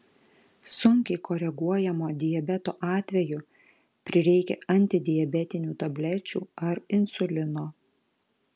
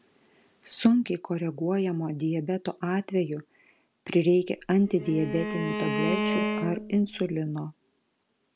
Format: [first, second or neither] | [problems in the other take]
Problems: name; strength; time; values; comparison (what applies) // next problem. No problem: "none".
first | background sound (Bowed string instrument); 3 dB below the speech